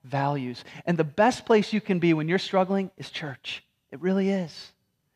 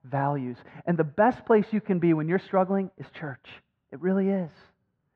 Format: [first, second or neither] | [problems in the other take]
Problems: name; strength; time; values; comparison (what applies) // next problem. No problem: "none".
first | muffled; very; fading above 3 kHz